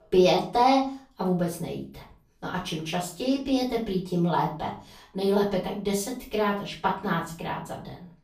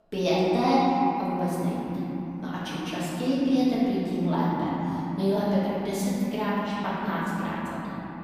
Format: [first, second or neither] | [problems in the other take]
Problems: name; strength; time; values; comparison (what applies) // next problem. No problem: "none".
first | room echo; strong; dies away in 3 s; slight in the first // off-mic speech; far; far in the first